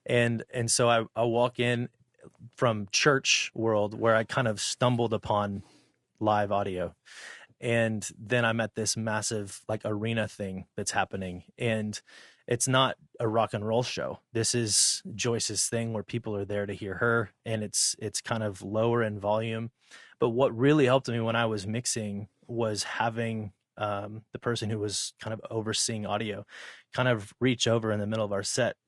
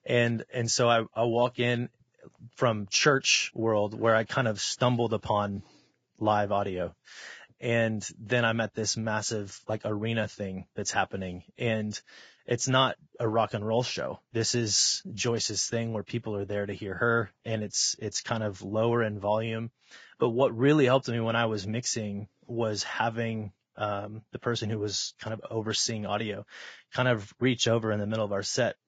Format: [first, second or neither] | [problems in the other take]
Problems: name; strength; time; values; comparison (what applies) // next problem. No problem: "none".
first | garbled, watery; badly; nothing above 7.5 kHz; slightly in the first